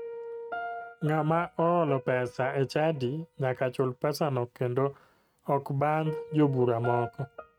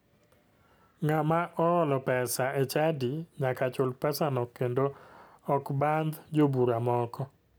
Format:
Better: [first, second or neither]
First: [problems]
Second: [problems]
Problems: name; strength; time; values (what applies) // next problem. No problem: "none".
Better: second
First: noise reduction (neural mask model RNNoise)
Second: none